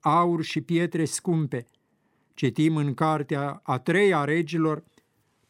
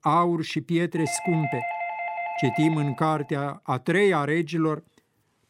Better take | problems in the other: first | doorbell; noticeable; from 1 to 3 s; peak 4 dB below the speech

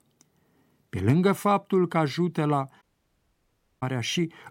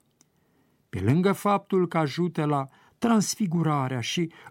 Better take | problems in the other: second | audio cutting out; at 3 s for 1 s

